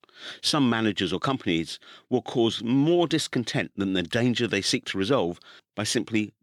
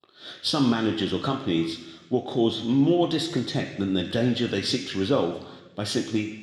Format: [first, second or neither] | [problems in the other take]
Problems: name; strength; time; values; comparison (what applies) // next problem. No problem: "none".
first | room echo; slight; dies away in 1.1 s